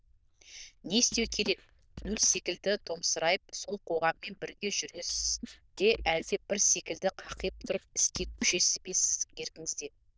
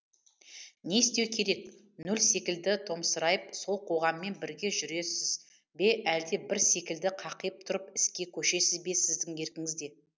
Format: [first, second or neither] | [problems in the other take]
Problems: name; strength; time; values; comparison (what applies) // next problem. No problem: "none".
second | noise reduction (neural diffusion model UNIVERSE++)